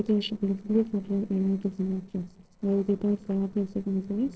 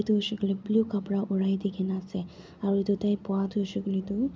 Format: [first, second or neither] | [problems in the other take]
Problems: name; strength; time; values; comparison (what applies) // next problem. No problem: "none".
second | noise reduction (neural separator model SepFormer DNS4)